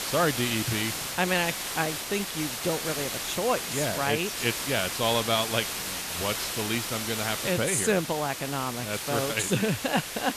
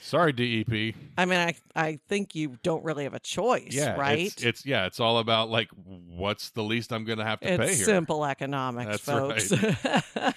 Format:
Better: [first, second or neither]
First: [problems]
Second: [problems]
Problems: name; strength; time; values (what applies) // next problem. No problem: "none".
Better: second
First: hiss; loud; throughout; 3 dB below the speech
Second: none